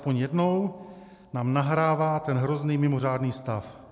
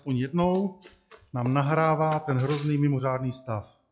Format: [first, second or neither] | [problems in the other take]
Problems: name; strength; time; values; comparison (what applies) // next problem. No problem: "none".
first | noise reduction (classical method log-MMSE)